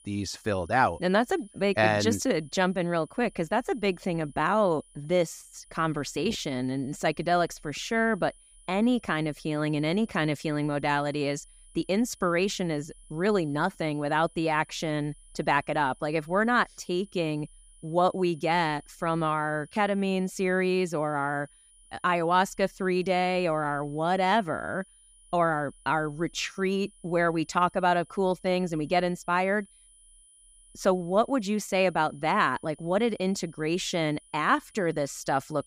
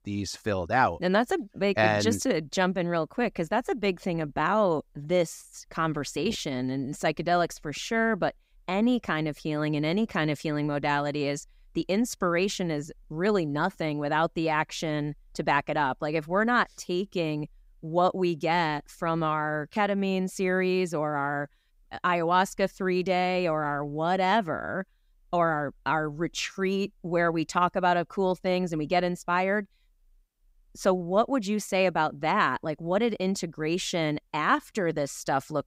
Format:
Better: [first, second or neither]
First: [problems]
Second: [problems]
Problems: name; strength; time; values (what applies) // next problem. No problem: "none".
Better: second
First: high-pitched whine; faint; throughout; 9.5 kHz, 30 dB below the speech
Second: none